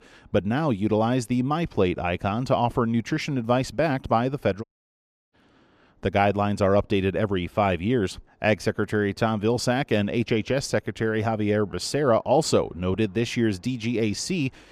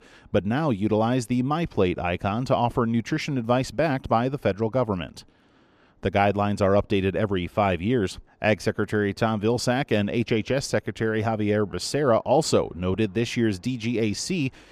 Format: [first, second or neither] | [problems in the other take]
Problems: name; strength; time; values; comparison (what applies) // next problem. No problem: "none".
second | audio cutting out; at 4.5 s for 0.5 s